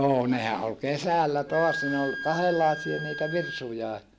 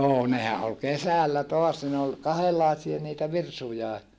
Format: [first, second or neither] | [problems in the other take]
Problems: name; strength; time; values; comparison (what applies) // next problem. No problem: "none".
second | background sound (Wind instrument, woodwind instrument); 10 dB below the speech